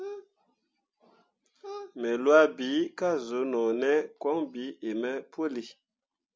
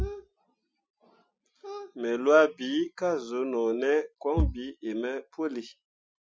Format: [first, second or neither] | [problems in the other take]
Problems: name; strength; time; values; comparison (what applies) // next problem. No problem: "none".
first | noise reduction (classical method Wiener filter)